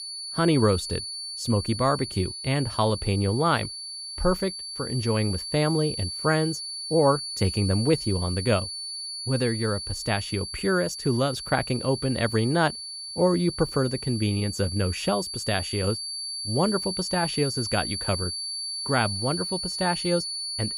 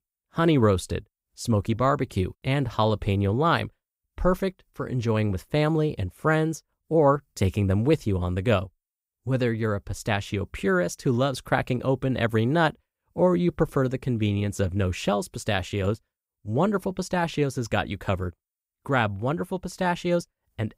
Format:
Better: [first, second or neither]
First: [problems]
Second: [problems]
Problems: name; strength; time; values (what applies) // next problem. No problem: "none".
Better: second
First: high-pitched whine; loud; throughout; 4.5 kHz, 5 dB below the speech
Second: none